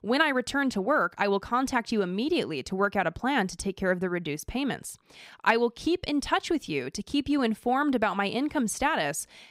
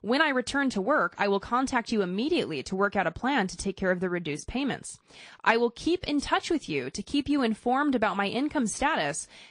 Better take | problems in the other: first | garbled, watery; slightly; nothing above 10 kHz

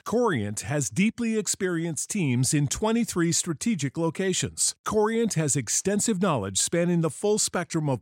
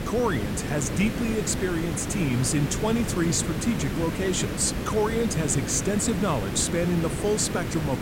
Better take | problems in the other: first | hiss; loud; throughout; 4 dB below the speech

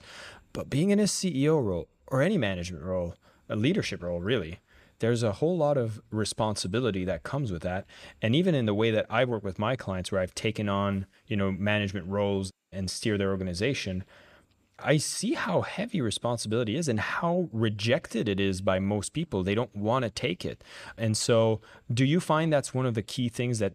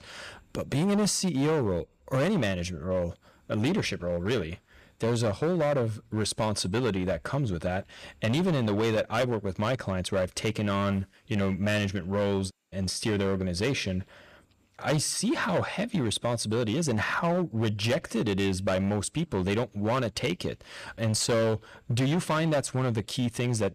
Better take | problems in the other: first | distortion; slight; 12% of the sound clipped

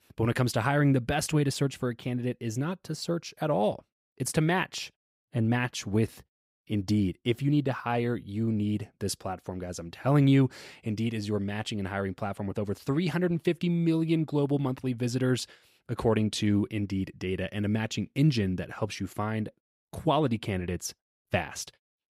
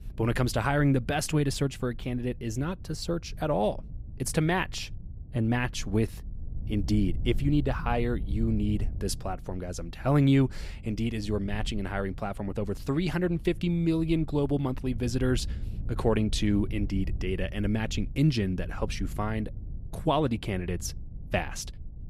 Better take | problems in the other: first | low rumble; faint; throughout; 20 dB below the speech

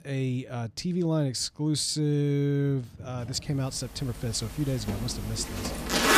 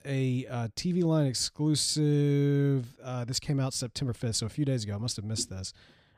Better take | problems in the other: second | household noises; loud; throughout; 7 dB below the speech

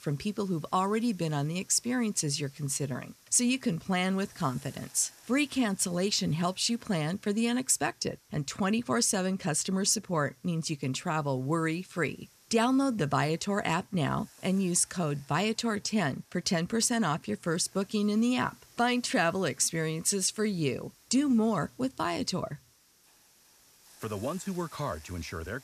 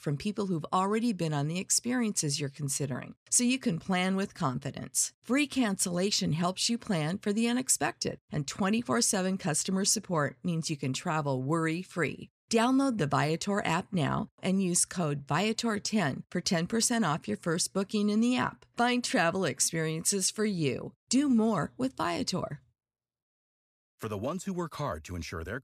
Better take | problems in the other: second | hiss; faint; throughout; 25 dB below the speech

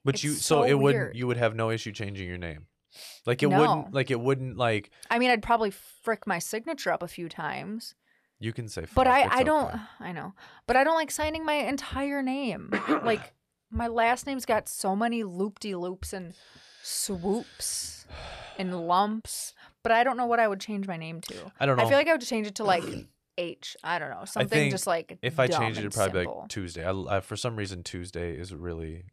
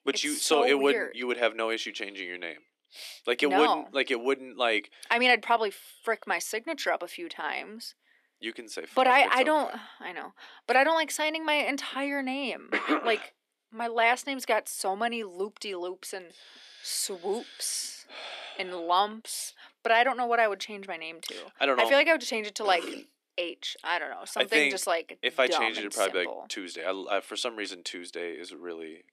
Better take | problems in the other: first | thin; very slightly; fading below 250 Hz

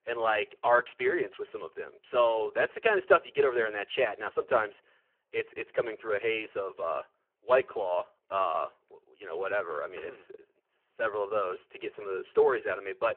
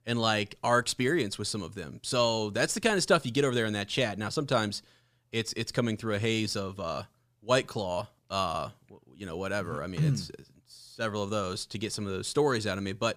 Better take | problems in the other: second | phone-call audio; poor line

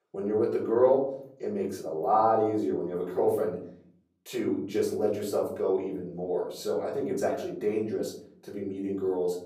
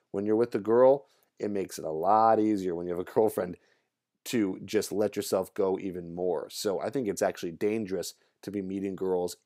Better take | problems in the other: second | off-mic speech; far // room echo; slight; dies away in 0.6 s

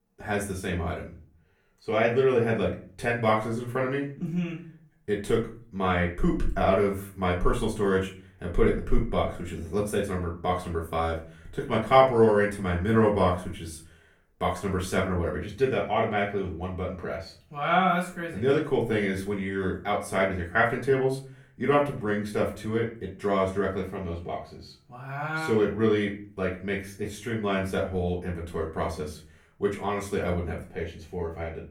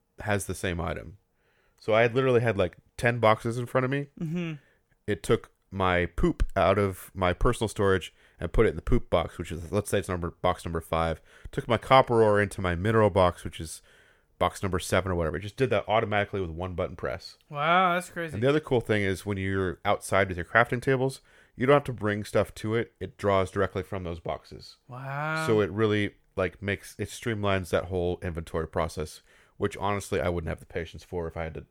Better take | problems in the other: second | off-mic speech; far // room echo; slight; dies away in 0.3 s

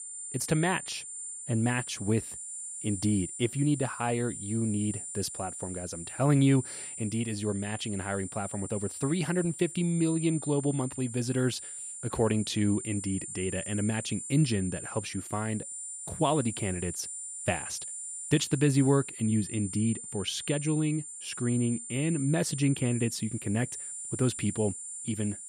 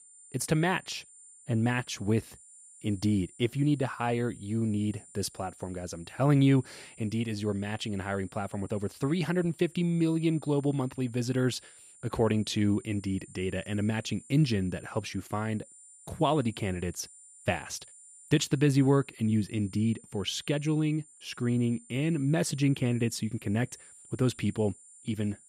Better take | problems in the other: second | high-pitched whine; loud; throughout; 9 kHz, 8 dB below the speech; faint in the second

